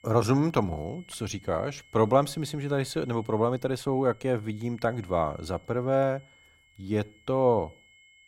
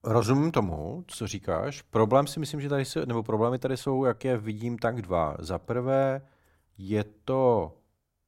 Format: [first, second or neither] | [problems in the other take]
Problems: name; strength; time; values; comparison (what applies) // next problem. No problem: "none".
second | high-pitched whine; faint; throughout; 2 kHz, 30 dB below the speech